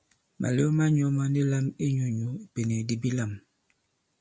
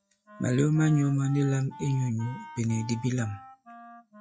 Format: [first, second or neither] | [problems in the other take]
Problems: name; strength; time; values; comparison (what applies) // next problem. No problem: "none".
first | noise reduction (classical method log-MMSE)